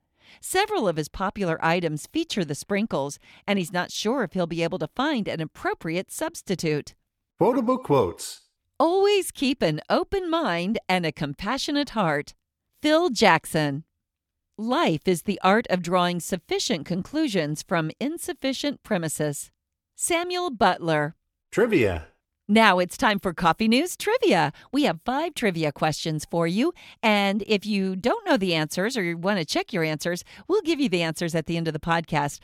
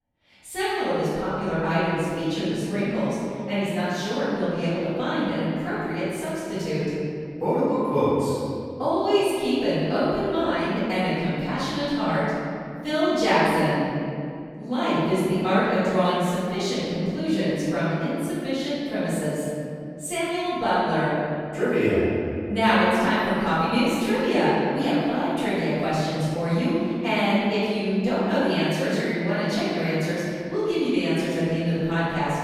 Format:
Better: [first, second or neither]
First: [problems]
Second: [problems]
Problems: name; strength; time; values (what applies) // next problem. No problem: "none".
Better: first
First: none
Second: room echo; strong; dies away in 2.6 s // off-mic speech; far